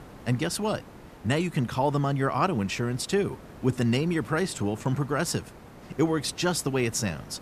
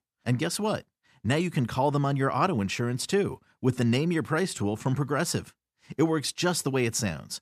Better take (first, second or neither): second